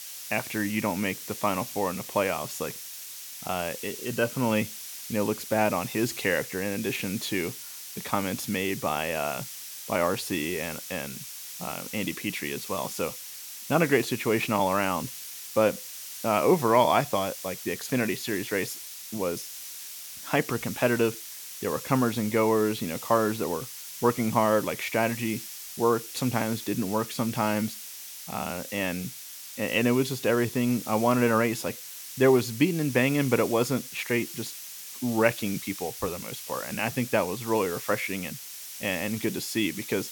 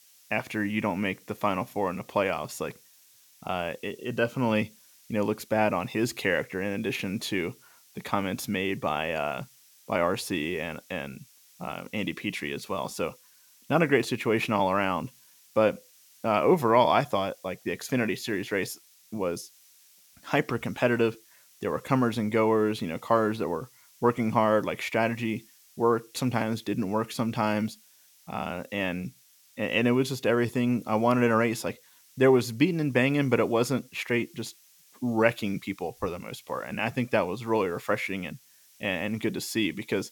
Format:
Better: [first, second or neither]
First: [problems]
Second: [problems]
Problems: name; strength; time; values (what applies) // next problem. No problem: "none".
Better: second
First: hiss; loud; throughout; 10 dB below the speech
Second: hiss; faint; throughout; 25 dB below the speech